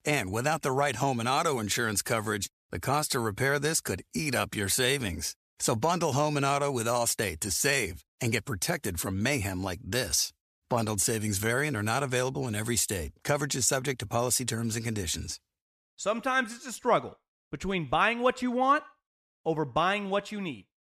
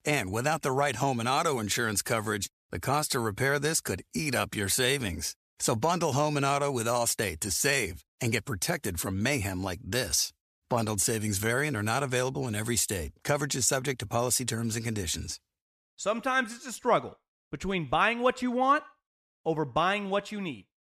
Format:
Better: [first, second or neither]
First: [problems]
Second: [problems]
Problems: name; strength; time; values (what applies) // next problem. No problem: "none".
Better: neither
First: none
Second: none